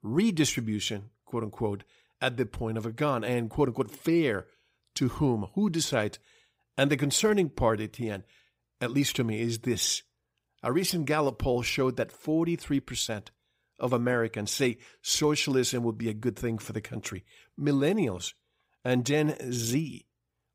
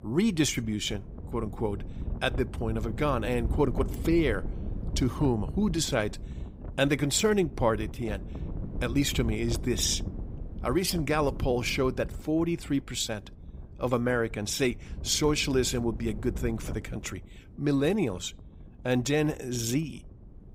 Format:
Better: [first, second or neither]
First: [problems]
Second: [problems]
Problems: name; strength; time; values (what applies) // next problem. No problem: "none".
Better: first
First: none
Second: wind noise on the microphone; occasional gusts; 20 dB below the speech